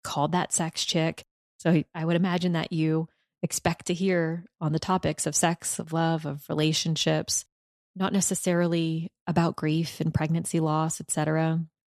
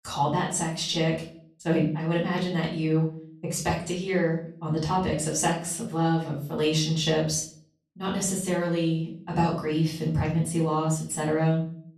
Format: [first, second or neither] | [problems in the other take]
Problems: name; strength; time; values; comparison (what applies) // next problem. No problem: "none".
first | room echo; slight; dies away in 0.4 s // off-mic speech; far